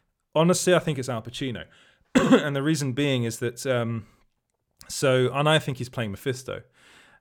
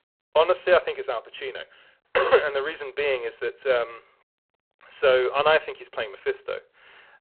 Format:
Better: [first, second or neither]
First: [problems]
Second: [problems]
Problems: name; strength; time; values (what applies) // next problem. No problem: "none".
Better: first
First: none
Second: phone-call audio; poor line